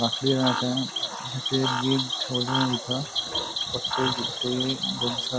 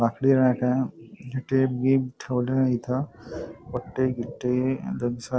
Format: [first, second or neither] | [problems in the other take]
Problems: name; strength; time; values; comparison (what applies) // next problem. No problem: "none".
second | background sound (Cricket / Frog); 1 dB below the speech